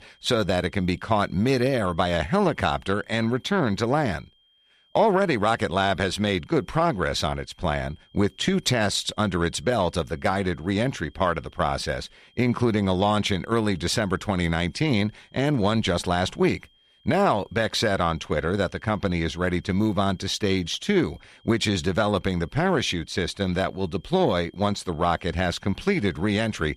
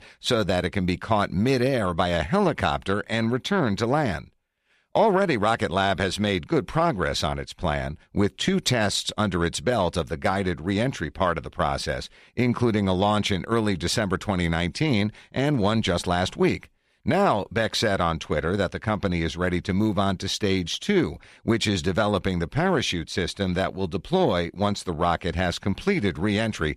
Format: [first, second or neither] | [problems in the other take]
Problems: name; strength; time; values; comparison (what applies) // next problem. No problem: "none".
second | high-pitched whine; faint; throughout; 3 kHz, 35 dB below the speech